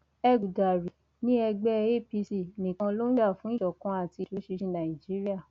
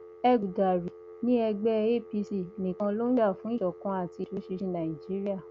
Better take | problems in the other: first | background sound (Telephone); 19 dB below the speech

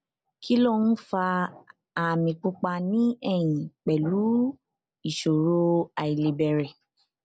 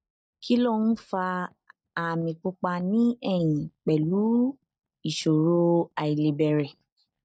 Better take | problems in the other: first | noise reduction (neural mask model DeepFilterNet 3)

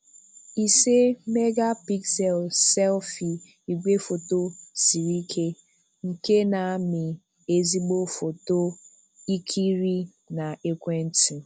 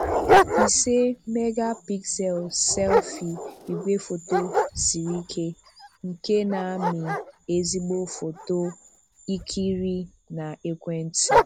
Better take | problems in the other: first | background sound (Dog); as loud as the speech

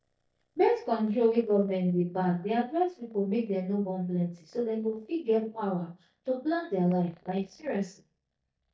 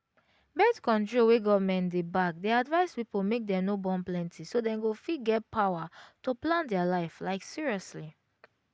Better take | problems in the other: second | noise reduction (neural mask model DeepFilterNet 3)

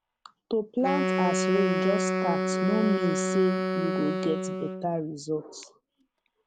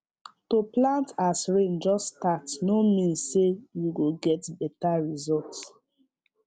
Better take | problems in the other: second | background sound (Wind instrument, woodwind instrument); 1 dB above the speech

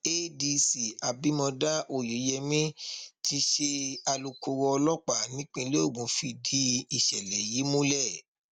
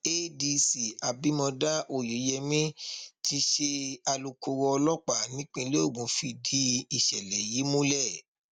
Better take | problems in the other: second | background sound (Bird); 15 dB below the speech

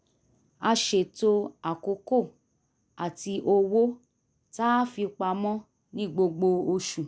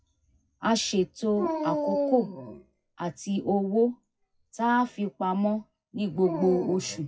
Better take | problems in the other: first | noise reduction (classical method WPE with log-MMSE)

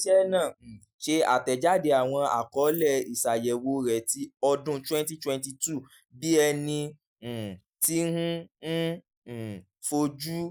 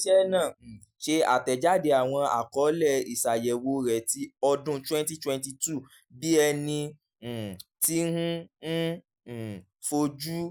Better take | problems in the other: second | noise reduction (neural mask model DeepFilterNet 3)

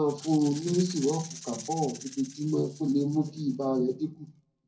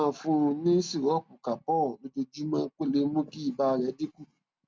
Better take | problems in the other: second | background sound (Rattle (instrument)); 17 dB below the speech // room echo; dies away in 0.4 s

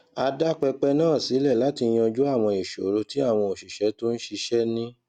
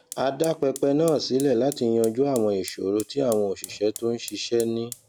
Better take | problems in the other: first | background sound (Fire); 19 dB below the speech

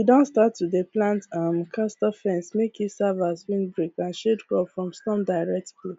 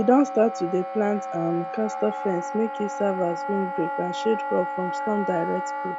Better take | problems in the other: first | background sound (Wind instrument, woodwind instrument); 5 dB below the speech

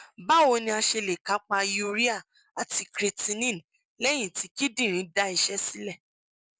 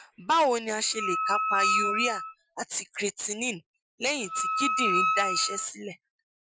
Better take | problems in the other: first | noise reduction (classical method Wiener filter)

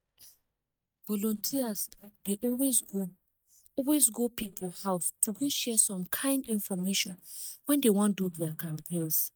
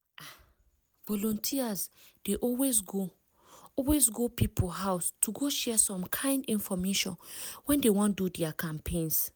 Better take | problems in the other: second | noise reduction (neural mask model DeepFilterNet 3)

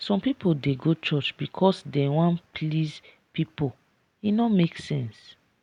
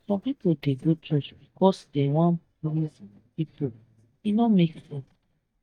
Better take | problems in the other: first | noise reduction (neural mask model DeepFilterNet 3)

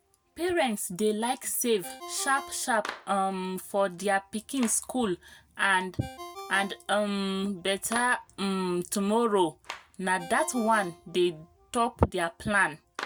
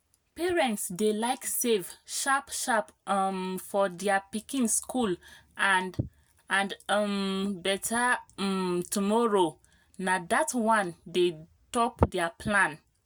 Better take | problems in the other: second | background sound (Clapping + Ringtone); 17 dB below the speech

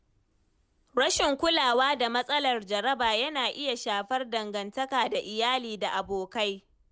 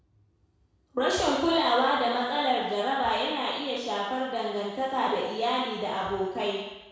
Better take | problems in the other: first | room echo; dies away in 1.1 s

